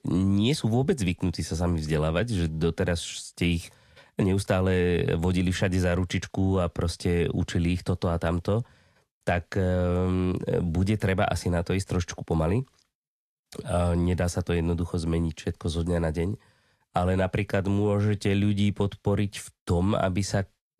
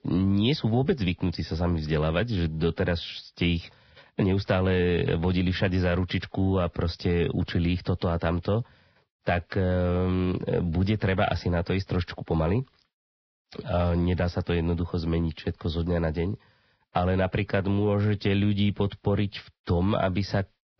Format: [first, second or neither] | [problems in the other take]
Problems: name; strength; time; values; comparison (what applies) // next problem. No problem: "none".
first | garbled, watery; badly; nothing above 5.5 kHz; slightly in the first